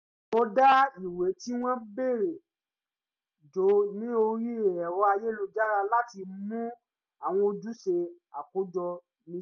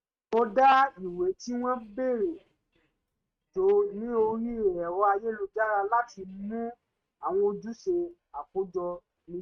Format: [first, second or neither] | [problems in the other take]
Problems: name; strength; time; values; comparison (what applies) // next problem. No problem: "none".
first | noise reduction (neural mask model RNNoise)